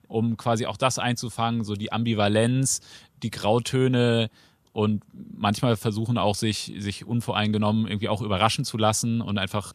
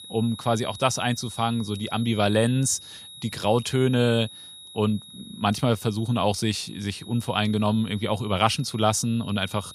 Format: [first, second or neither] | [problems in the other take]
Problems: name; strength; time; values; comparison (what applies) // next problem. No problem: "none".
first | high-pitched whine; noticeable; throughout; 4 kHz, 15 dB below the speech